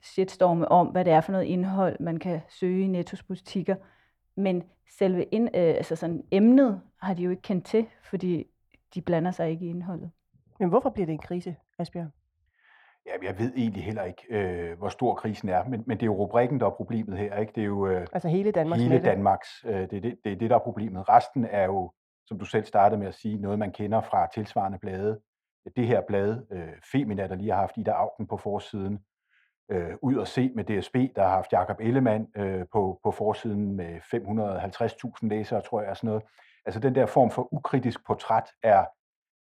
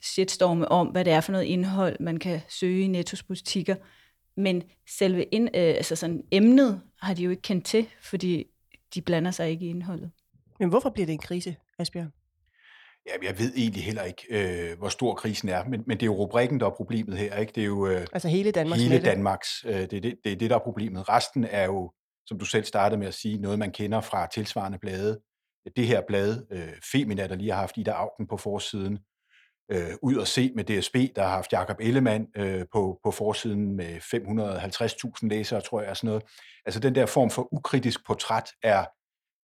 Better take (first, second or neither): second